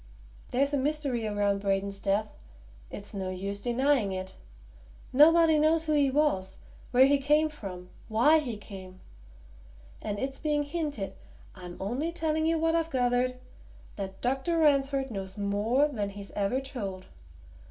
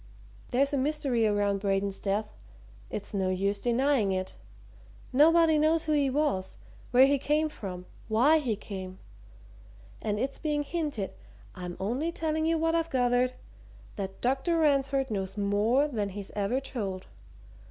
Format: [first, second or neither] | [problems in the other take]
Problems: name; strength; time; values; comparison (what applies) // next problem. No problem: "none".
second | room echo; dies away in 0.2 s